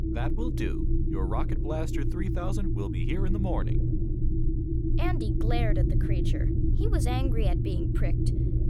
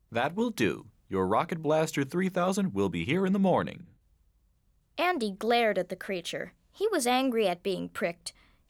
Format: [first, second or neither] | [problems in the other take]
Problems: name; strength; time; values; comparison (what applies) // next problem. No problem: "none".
second | low rumble; loud; throughout; 1 dB below the speech